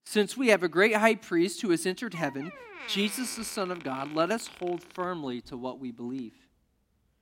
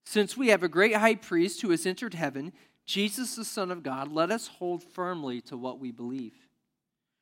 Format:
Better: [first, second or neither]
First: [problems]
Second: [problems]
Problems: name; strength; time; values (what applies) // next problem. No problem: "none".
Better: second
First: door banging; faint; from 2 to 5.5 s; peak 10 dB below the speech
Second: none